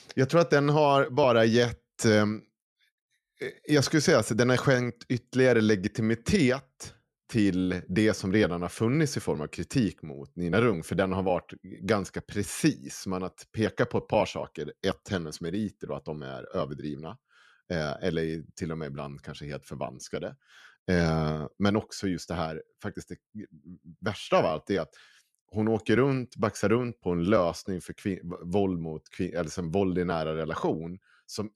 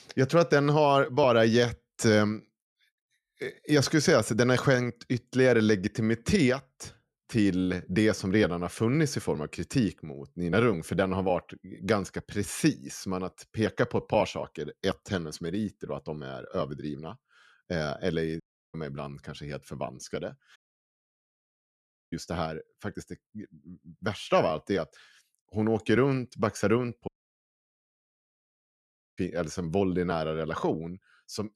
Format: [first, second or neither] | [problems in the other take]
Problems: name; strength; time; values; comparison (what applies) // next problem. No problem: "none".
first | audio cutting out; at 18 s, at 21 s for 1.5 s and at 27 s for 2 s